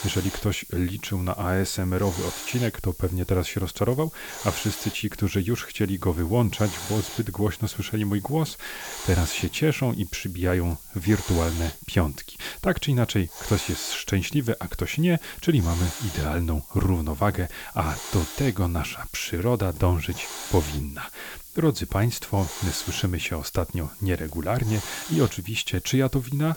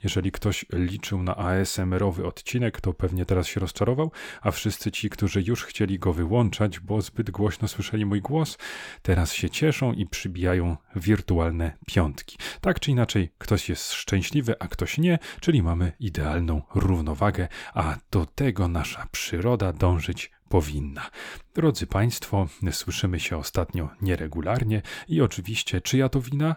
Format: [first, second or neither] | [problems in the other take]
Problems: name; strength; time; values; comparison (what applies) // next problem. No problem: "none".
second | hiss; noticeable; throughout; 10 dB below the speech